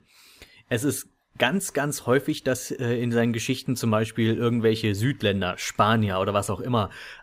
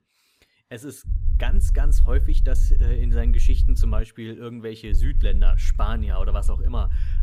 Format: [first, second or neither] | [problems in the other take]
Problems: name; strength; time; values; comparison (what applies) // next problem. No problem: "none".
first | low rumble; loud; from 1 to 4 s and from 5 s on; 10 dB below the speech